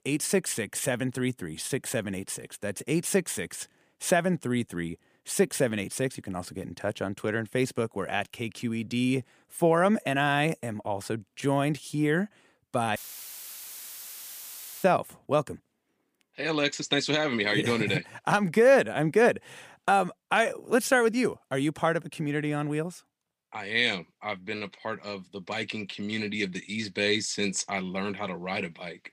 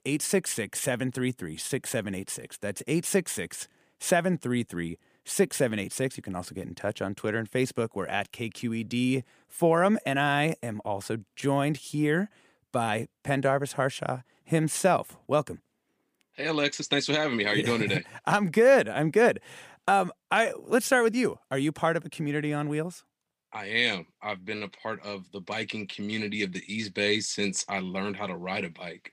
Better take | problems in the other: second | audio cutting out; filled with static; at 13 s for 2 s

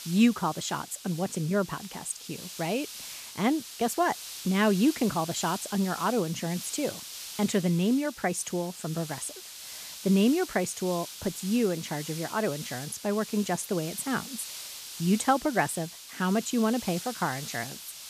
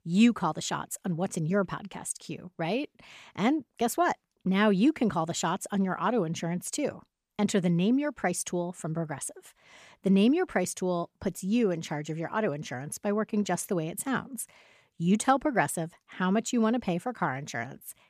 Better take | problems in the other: second | hiss; noticeable; throughout; 10 dB below the speech

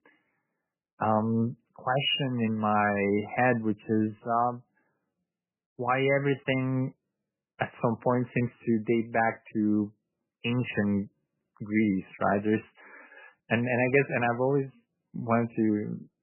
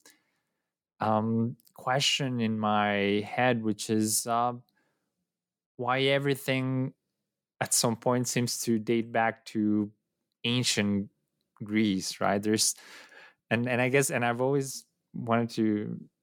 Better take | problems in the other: second | garbled, watery; badly; nothing above 3 kHz

